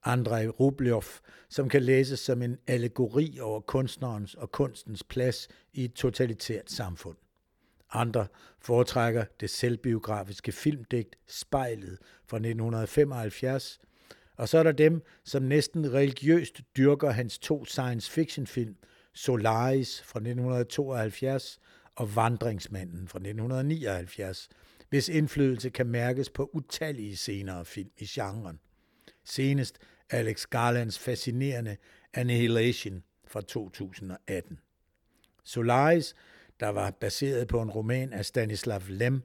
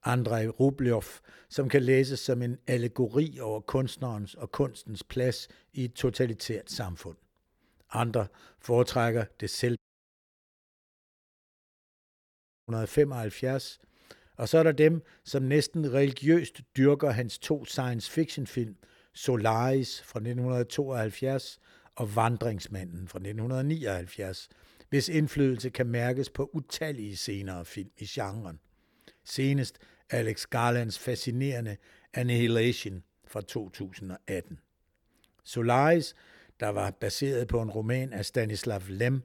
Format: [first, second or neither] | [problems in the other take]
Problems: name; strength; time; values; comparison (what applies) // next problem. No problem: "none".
first | audio cutting out; at 10 s for 3 s